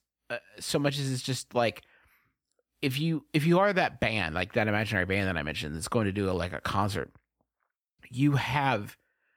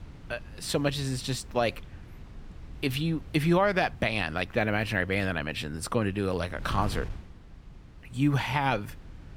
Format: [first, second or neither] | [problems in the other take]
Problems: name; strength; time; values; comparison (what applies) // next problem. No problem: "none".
first | wind noise on the microphone; occasional gusts; 25 dB below the speech